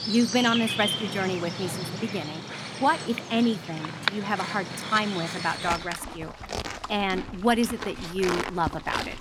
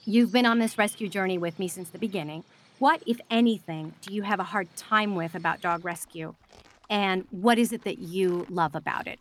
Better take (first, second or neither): second